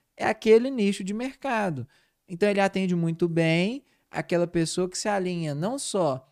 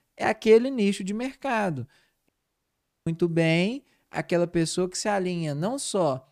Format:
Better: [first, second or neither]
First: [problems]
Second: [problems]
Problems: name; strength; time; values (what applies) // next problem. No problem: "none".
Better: first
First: none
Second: audio cutting out; at 2.5 s for 1 s